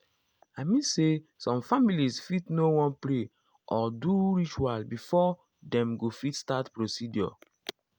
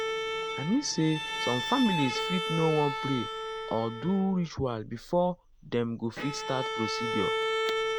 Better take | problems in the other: first | background sound (Bowed string instrument); 3 dB below the speech

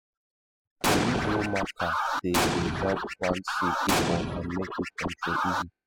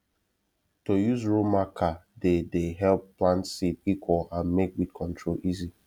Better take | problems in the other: second | noise reduction (classical method spectral subtraction)

